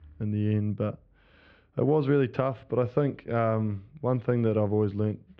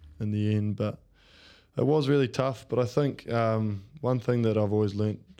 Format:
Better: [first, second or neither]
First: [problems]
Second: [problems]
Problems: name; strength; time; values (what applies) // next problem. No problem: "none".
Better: second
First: muffled; very; fading above 2.5 kHz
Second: none